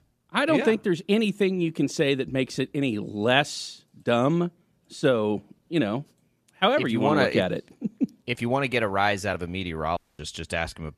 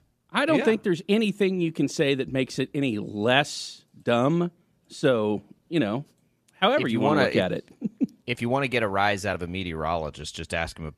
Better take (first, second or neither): second